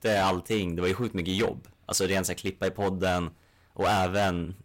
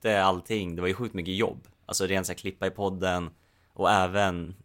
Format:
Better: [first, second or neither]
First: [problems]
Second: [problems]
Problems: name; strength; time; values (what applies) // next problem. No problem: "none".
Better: second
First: distortion; heavy; 10% of the sound clipped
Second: none